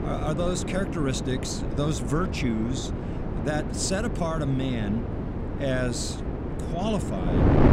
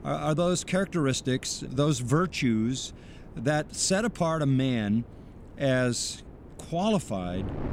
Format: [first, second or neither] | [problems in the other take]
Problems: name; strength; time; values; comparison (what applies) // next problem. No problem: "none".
second | wind noise on the microphone; heavy; 4 dB below the speech; occasional gusts in the second